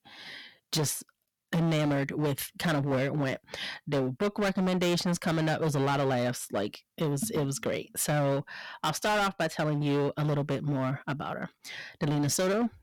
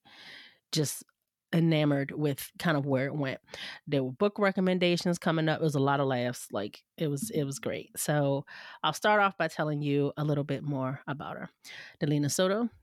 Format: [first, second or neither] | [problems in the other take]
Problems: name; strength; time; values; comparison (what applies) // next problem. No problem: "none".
second | distortion; heavy; 17% of the sound clipped